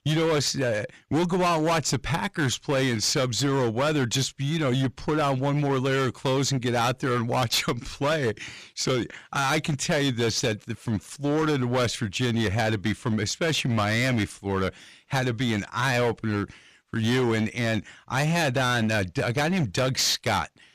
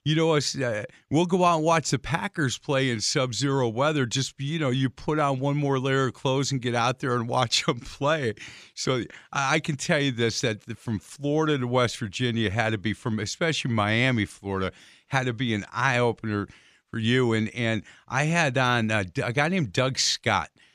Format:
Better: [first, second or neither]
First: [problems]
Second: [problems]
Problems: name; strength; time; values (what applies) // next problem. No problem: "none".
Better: second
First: distortion; heavy; 16% of the sound clipped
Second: none